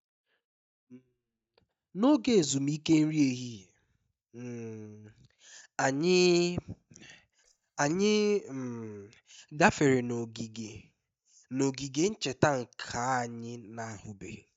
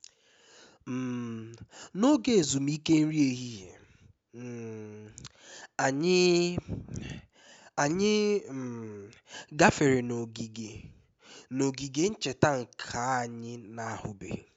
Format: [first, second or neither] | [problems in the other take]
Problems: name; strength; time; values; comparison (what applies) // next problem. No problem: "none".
second | noise reduction (neural mask model DeepFilterNet 3)